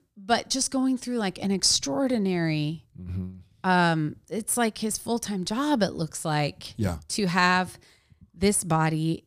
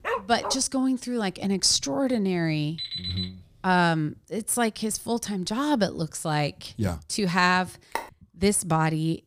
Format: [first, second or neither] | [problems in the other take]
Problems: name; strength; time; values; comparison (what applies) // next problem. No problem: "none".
first | dog barking; noticeable; at the start; peak 5 dB below the speech // alarm; noticeable; at 3 s; peak 5 dB below the speech // phone ringing; noticeable; at 8 s; peak 10 dB below the speech